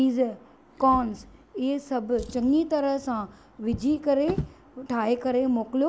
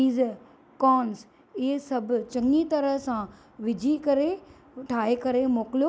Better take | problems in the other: second | background sound (Drawer open or close); 16 dB below the speech

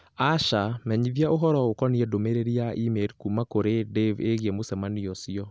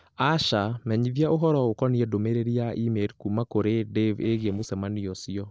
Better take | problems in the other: first | noise reduction (neural separator model SepFormer DNS4)

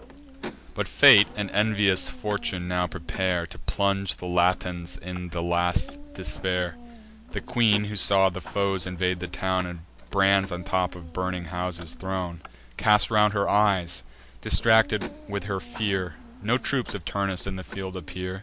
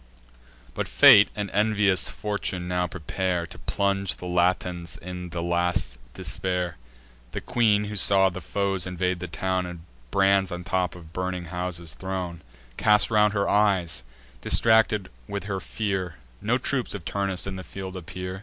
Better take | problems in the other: second | background sound (Dog + Car); 18 dB below the speech

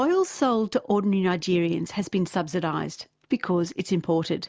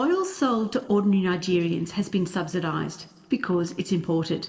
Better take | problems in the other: first | room echo; dies away in 2.7 s

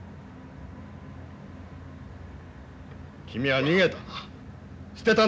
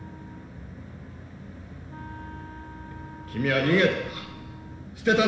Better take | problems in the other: first | background sound (Wind instrument, woodwind instrument); 19 dB below the speech // room echo; dies away in 1.1 s

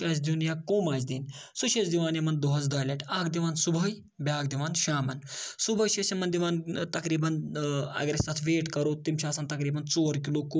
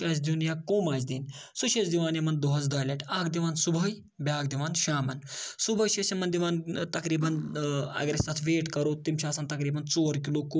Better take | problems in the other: first | background sound (Cutlery, silverware); 20 dB below the speech

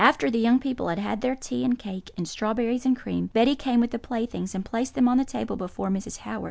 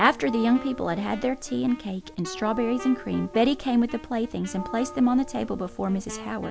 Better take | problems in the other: first | background sound (Bell + Wind instrument, woodwind instrument); 15 dB below the speech

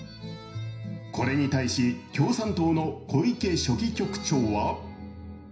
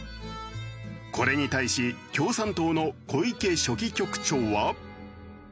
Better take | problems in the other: second | room echo; dies away in 0.5 s

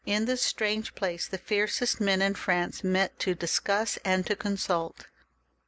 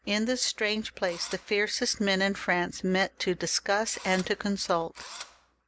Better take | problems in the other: first | background sound (Engine / Drill); 16 dB below the speech

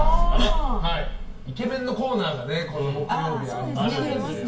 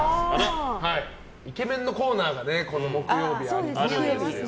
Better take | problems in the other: second | room echo; dies away in 0.2 s

